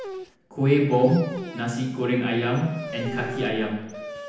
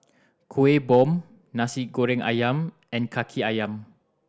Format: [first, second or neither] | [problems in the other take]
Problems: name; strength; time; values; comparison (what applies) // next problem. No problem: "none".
second | background sound (Dog); 13 dB below the speech // room echo; dies away in 0.9 s